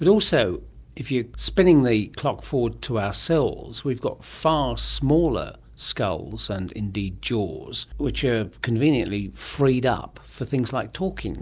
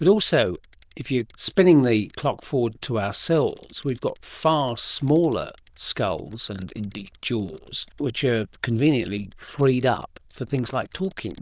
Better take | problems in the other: first | noise reduction (neural diffusion model UNIVERSE++)

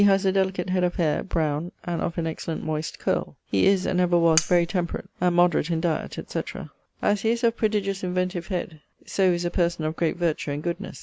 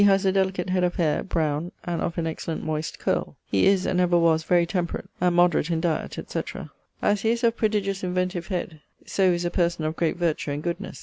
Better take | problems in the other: second | background sound (Cutlery, silverware); 4 dB below the speech

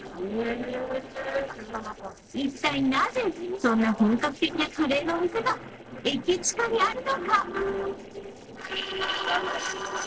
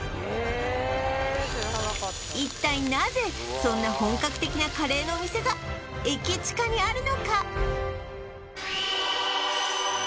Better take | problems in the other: second | noise reduction (neural separator model SepFormer DNS4)

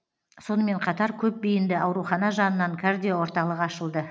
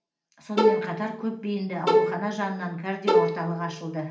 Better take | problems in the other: first | background sound (Bowed string instrument); 5 dB above the speech // room echo; dies away in 0.4 s

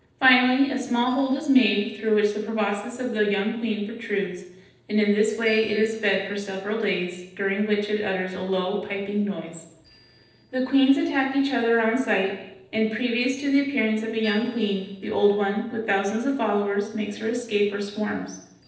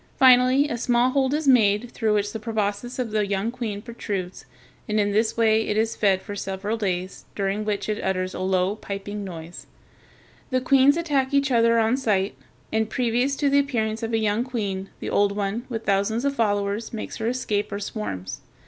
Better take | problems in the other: second | noise reduction (neural separator model SepFormer DNS4)

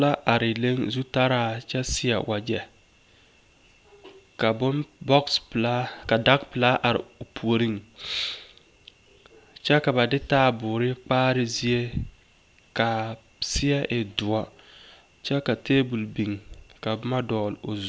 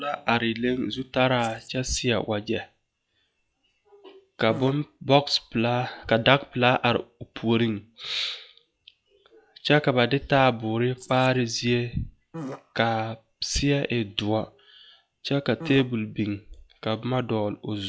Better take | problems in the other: first | noise reduction (classical method log-MMSE)

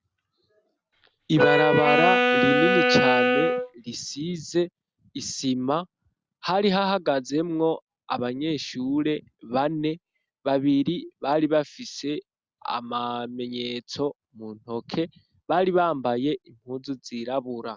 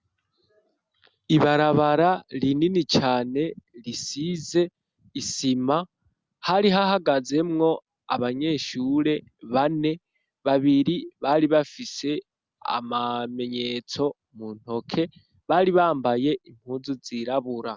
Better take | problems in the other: second | background sound (Wind instrument, woodwind instrument); 4 dB above the speech

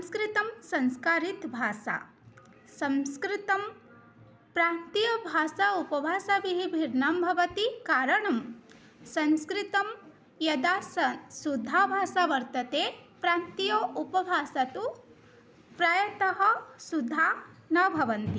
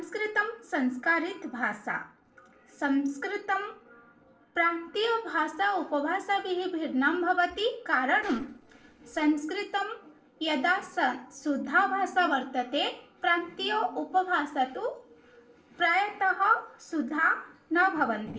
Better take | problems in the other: first | noise reduction (neural separator model SepFormer DNS4)

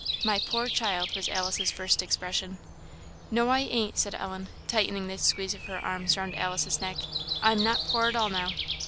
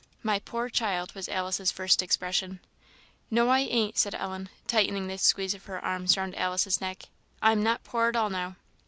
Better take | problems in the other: second | background sound (Breathing); 5 dB below the speech

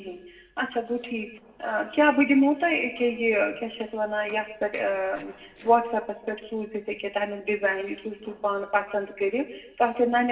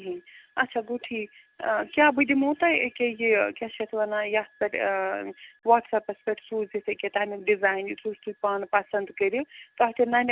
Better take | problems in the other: second | noise reduction (neural separator model SepFormer DNS4)

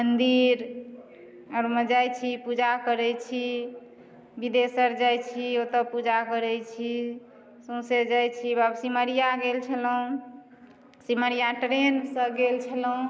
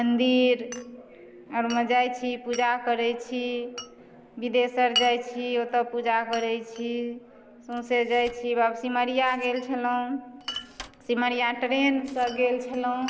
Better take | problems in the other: first | background sound (Glass); 15 dB below the speech

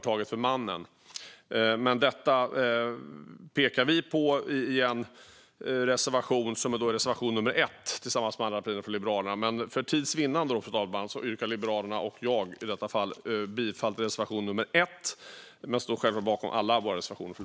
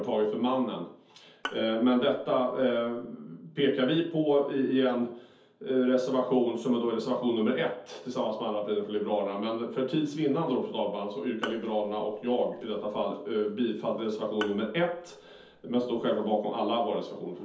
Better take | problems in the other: first | background sound (Bowed string instrument); 17 dB below the speech // room echo; dies away in 0.5 s

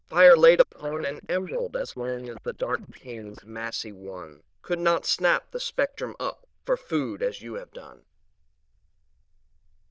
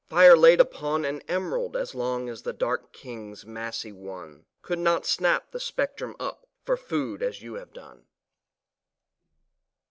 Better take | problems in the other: second | noise reduction (neural diffusion model UNIVERSE++)

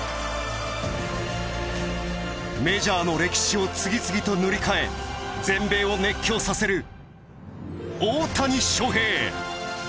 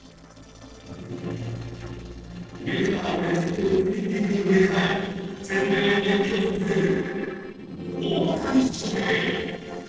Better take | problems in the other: first | noise reduction (neural separator model SepFormer DNS4)

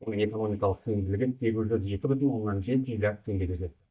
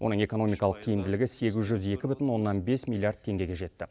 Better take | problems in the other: second | noise reduction (neural mask model DeepFilterNet 3)

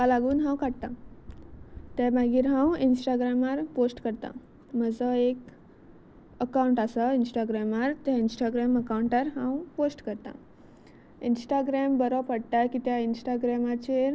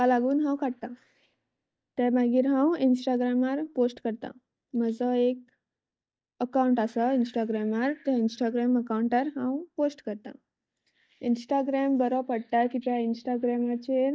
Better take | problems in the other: first | noise reduction (neural mask model DeepFilterNet 3)

